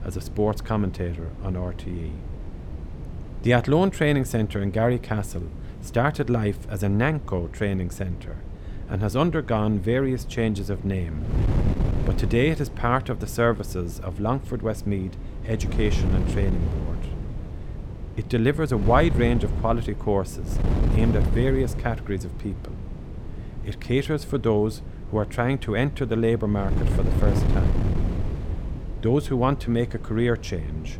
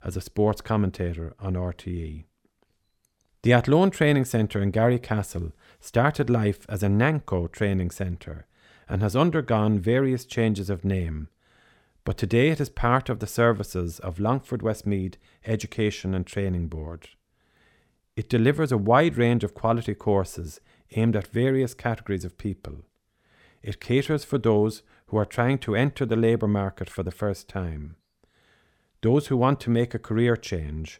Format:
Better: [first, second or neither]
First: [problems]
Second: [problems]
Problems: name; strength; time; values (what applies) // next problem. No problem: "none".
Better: second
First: wind noise on the microphone; occasional gusts; 15 dB below the speech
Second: none